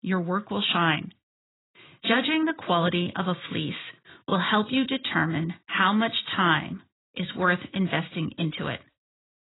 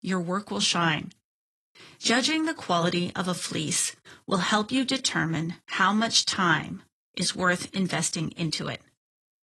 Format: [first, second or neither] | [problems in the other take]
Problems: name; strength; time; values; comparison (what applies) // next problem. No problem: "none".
second | garbled, watery; badly; nothing above 4 kHz; slightly in the second